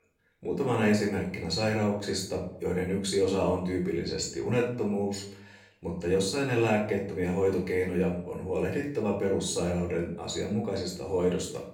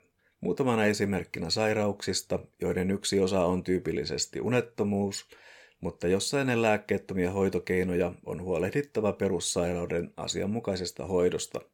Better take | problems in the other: second | off-mic speech; far // room echo; noticeable; dies away in 0.5 s

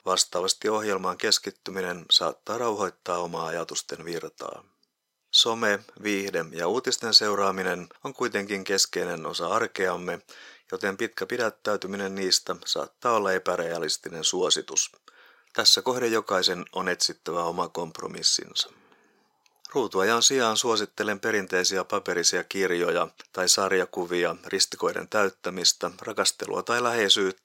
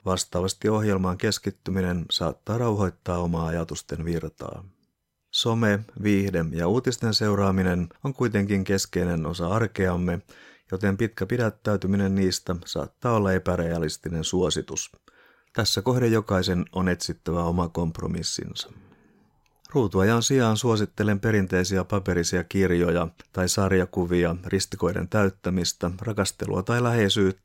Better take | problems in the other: second | thin; somewhat; fading below 400 Hz

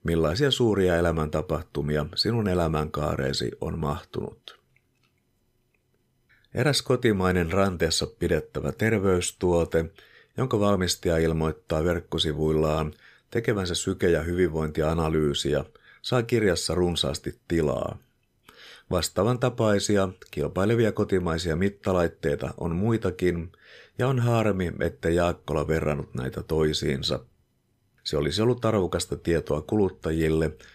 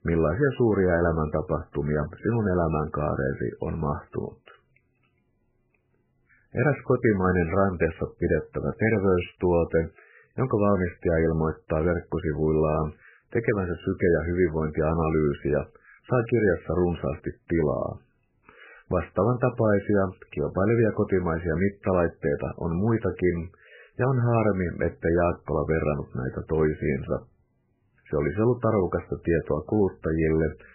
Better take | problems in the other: first | garbled, watery; badly; nothing above 3 kHz

